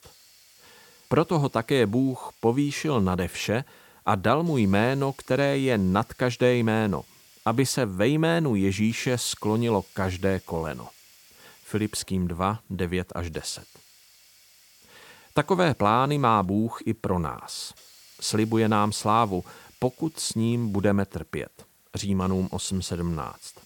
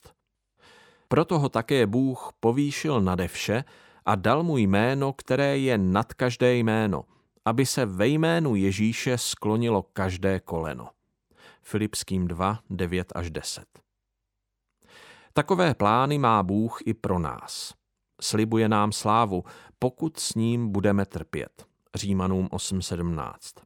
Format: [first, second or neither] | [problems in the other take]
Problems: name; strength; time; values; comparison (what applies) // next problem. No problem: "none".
second | hiss; faint; throughout; 25 dB below the speech